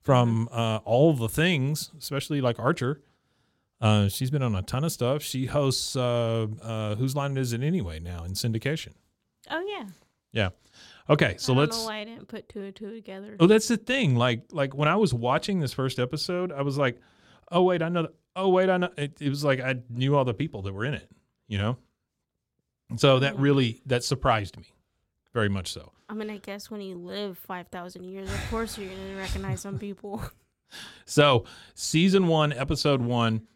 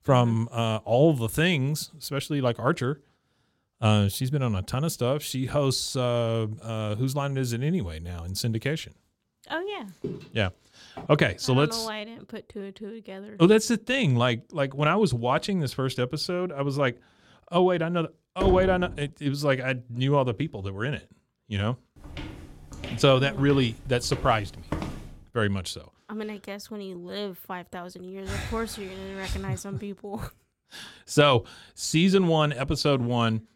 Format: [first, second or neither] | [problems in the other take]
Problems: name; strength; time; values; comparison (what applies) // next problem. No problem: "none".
first | footsteps; faint; from 10 to 11 s; peak 10 dB below the speech // door banging; noticeable; at 18 s; peak 3 dB below the speech // footsteps; noticeable; from 22 to 25 s; peak 8 dB below the speech